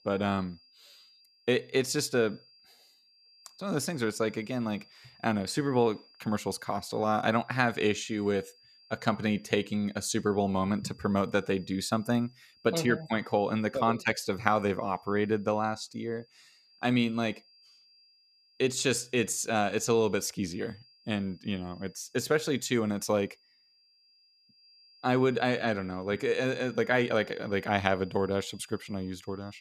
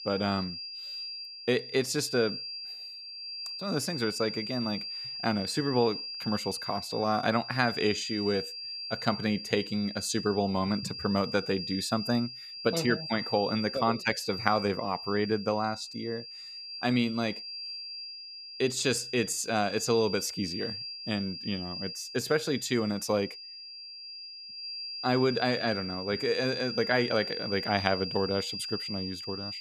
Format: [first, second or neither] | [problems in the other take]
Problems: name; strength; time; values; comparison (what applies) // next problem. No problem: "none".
first | high-pitched whine; loud; throughout; 5 kHz, 7 dB below the speech; faint in the first